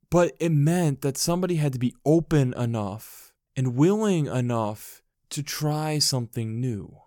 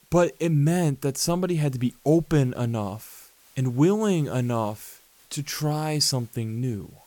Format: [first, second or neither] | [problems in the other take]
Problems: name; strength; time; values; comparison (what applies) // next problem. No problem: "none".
first | hiss; faint; throughout; 30 dB below the speech